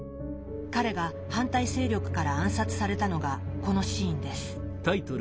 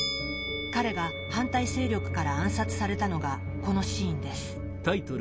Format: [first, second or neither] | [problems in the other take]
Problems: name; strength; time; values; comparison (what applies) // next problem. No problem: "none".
first | background sound (Musical instrument); 11 dB below the speech